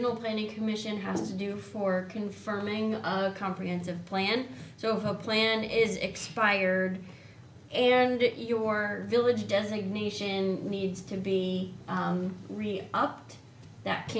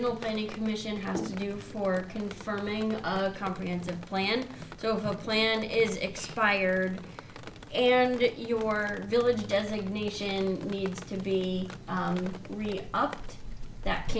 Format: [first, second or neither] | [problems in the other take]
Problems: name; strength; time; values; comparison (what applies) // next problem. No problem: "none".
first | background sound (Drip); 12 dB below the speech